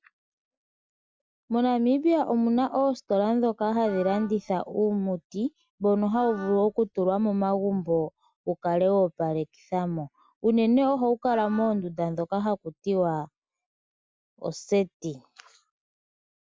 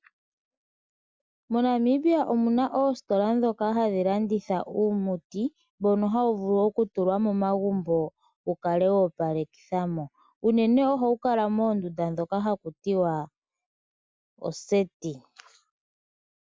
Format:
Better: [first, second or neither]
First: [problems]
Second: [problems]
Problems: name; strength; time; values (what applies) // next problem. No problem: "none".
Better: second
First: background sound (Wind instrument, woodwind instrument); 19 dB below the speech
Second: none